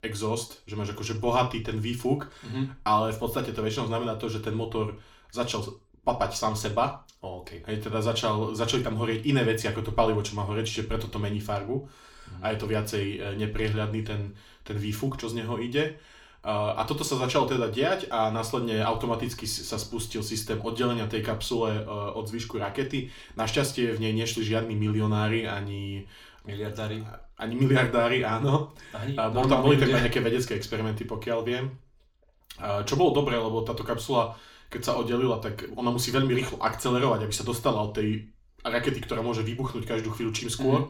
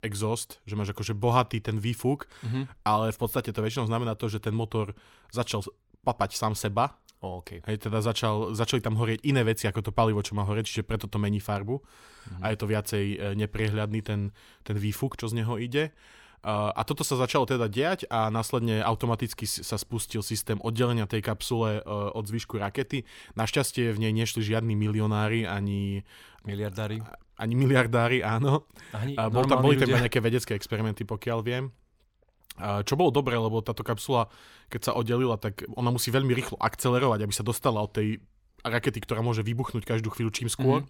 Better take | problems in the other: second | room echo; very slight; dies away in 0.4 s // off-mic speech; somewhat distant

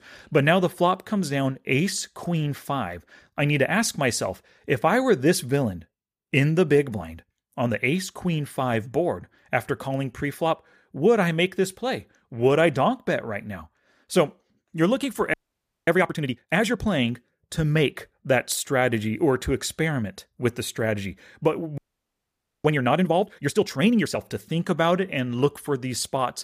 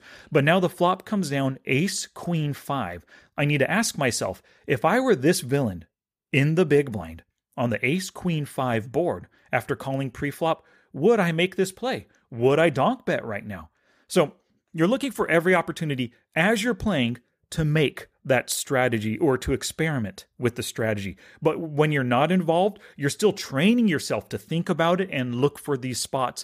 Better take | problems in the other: second | audio freezing; at 15 s for 0.5 s and at 22 s for 1 s

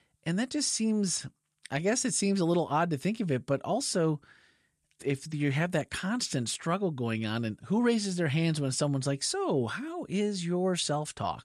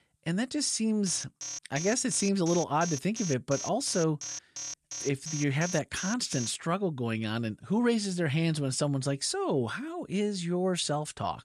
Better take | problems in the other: first | alarm; noticeable; from 1 to 6.5 s; peak 7 dB below the speech

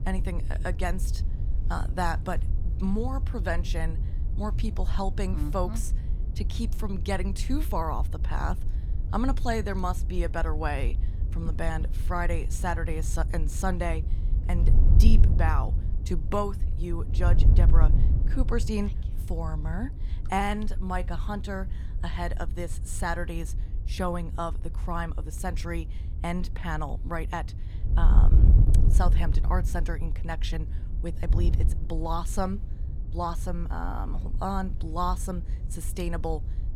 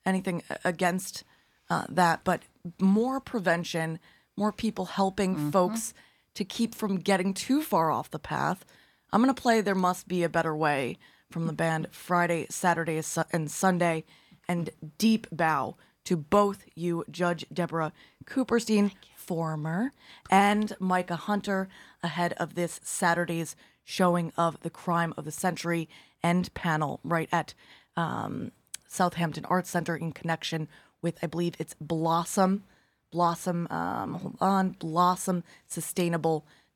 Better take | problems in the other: second | wind noise on the microphone; occasional gusts; 15 dB below the speech

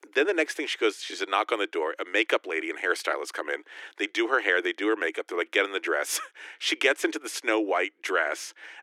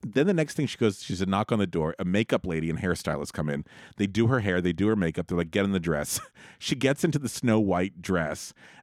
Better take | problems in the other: second | thin; very; fading below 300 Hz

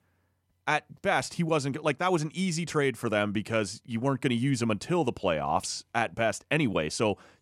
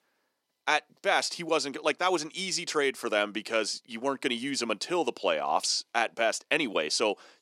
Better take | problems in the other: first | thin; somewhat; fading below 300 Hz

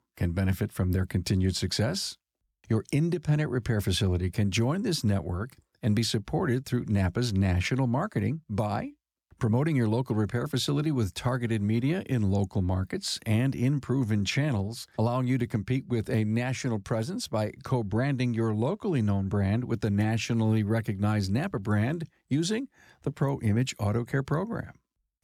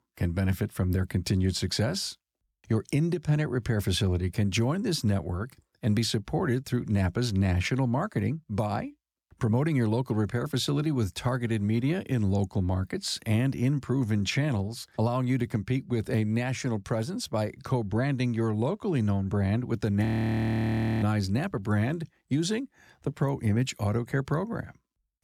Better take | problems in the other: first | audio freezing; at 20 s for 1 s

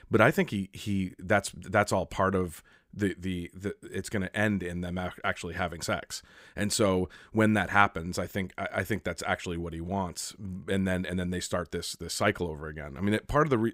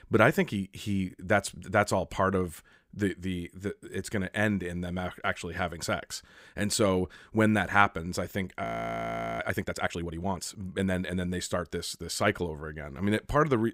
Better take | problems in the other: first | audio freezing; at 8.5 s for 1 s

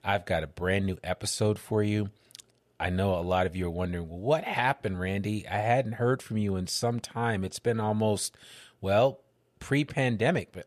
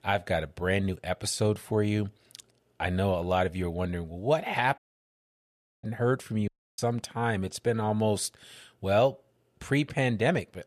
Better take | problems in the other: first | audio cutting out; at 5 s for 1 s and at 6.5 s

